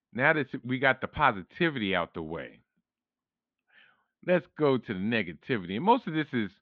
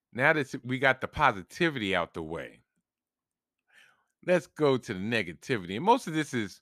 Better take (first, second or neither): second